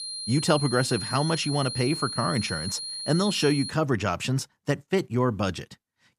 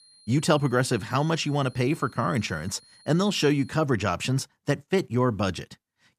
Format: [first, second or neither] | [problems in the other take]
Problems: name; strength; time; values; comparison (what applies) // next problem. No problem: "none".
second | high-pitched whine; loud; until 3.5 s; 4 kHz, 6 dB below the speech; faint in the second